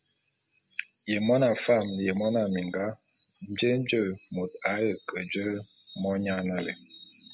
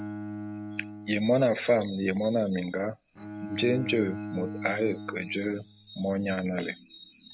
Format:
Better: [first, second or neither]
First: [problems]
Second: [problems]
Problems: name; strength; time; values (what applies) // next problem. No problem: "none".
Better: first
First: none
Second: background sound (Bowed string instrument); 11 dB below the speech